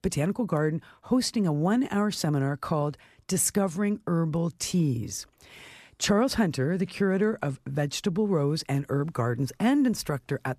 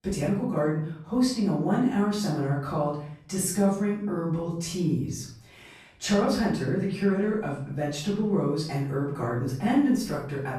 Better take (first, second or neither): first